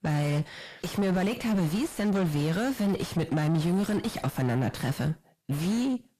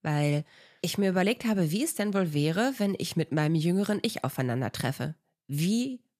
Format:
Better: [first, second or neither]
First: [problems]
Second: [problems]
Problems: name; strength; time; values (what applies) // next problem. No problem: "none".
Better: second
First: distortion; heavy; 6 dB below the speech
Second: none